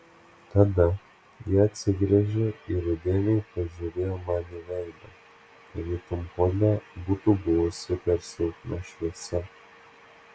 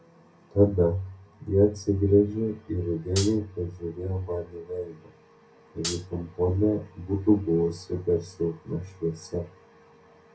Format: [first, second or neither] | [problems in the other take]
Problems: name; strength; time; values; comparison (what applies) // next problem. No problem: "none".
first | background sound (Hi-hat); 7 dB below the speech // room echo; dies away in 0.3 s